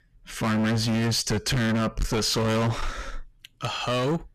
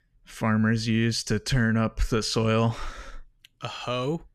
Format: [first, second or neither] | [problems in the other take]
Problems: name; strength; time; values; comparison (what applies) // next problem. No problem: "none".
second | distortion; heavy; 27% of the sound clipped